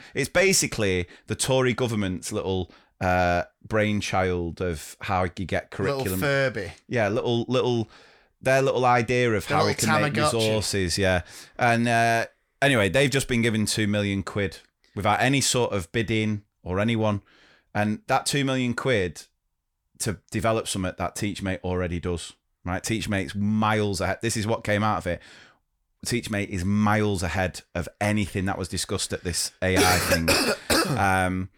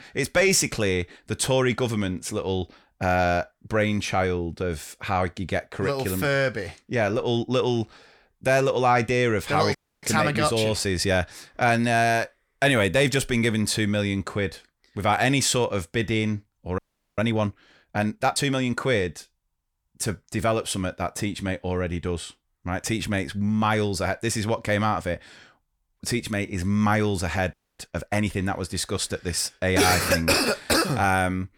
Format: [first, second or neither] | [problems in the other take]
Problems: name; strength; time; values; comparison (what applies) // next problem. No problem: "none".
first | audio freezing; at 10 s, at 17 s and at 28 s